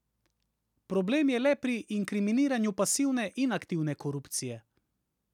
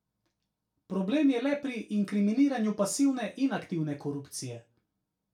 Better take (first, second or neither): first